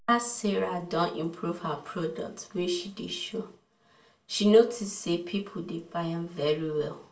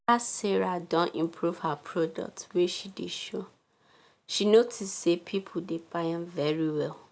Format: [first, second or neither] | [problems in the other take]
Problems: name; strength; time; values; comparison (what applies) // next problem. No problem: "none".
second | room echo; dies away in 0.3 s